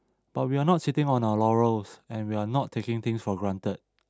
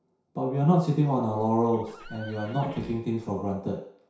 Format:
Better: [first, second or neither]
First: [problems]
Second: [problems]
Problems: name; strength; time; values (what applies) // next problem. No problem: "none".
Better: first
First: none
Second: background sound (Livestock, farm animals, working animals); 19 dB below the speech // room echo; dies away in 0.6 s